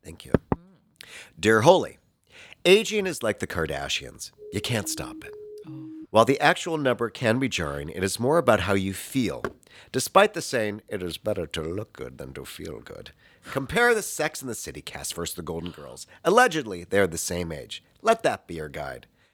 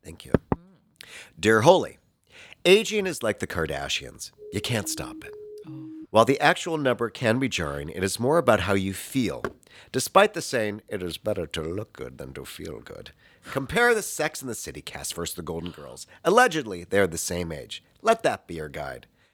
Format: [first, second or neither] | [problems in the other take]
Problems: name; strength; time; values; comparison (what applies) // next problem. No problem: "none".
neither | door banging; noticeable; at 0.5 s; peak 2 dB below the speech; the same in both // siren; faint; from 4.5 to 6 s; peak 15 dB below the speech; the same in both // door banging; faint; at 9.5 s; peak 10 dB below the speech; the same in both